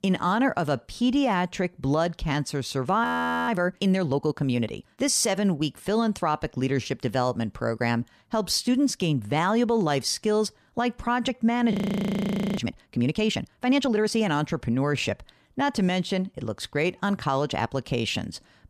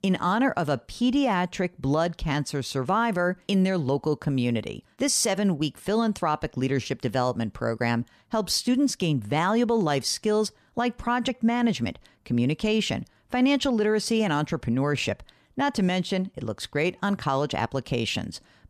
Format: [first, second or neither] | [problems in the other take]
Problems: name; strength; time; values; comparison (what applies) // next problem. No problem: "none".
second | audio freezing; at 3 s and at 12 s for 1 s